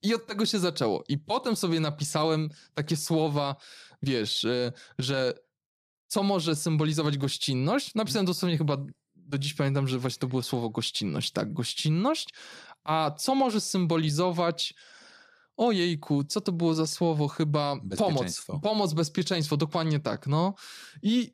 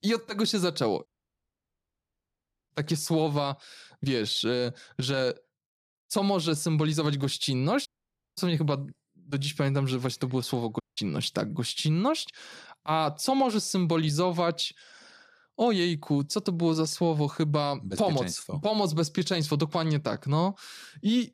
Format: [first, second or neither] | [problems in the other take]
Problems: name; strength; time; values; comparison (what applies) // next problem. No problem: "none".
first | audio cutting out; at 1 s for 1.5 s, at 8 s for 0.5 s and at 11 s